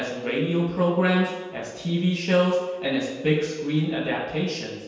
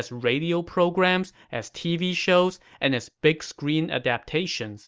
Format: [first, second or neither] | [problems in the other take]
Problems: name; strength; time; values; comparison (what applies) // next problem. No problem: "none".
second | room echo; dies away in 1.2 s